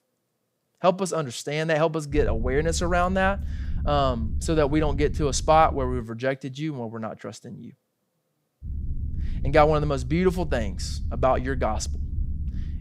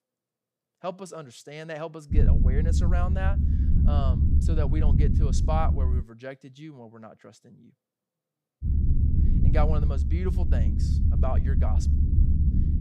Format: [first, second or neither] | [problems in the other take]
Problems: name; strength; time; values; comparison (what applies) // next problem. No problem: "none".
first | low rumble; loud; from 2 to 6 s and from 8.5 s on; 4 dB below the speech; faint in the first